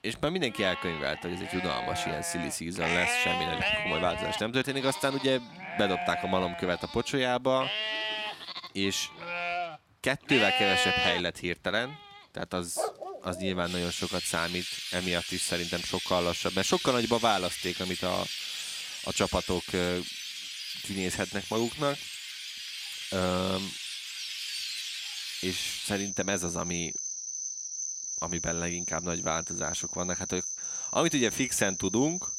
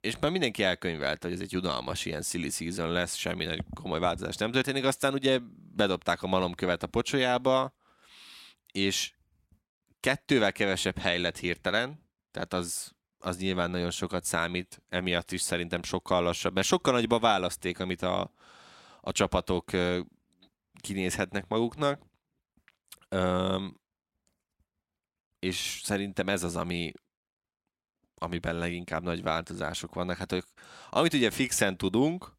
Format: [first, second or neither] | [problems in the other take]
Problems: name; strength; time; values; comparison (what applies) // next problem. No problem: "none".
second | animal sounds; loud; throughout; 2 dB below the speech